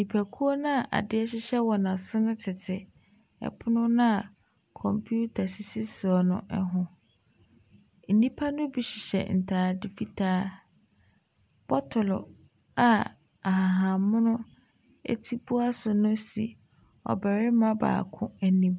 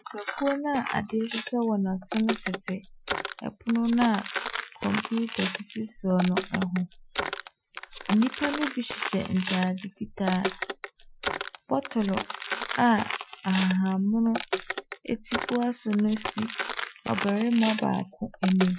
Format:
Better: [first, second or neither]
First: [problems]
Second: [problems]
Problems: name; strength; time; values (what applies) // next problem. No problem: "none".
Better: first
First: none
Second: noise reduction (classical method Wiener filter)